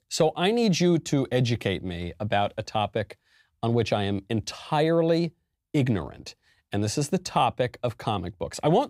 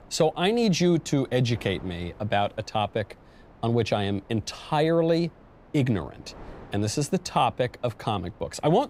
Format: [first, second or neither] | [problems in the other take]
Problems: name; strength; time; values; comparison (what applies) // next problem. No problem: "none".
first | wind noise on the microphone; occasional gusts; 25 dB below the speech